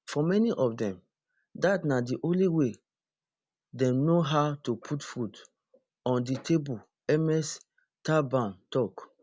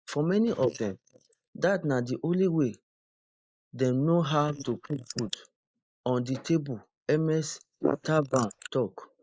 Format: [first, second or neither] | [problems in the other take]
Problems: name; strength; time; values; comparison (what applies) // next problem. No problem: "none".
first | noise reduction (neural mask model Resemble Enhance denoiser)